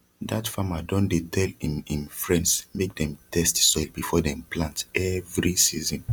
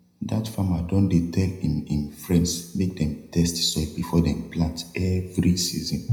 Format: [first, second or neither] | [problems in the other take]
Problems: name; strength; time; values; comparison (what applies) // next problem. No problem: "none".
first | room echo; dies away in 0.7 s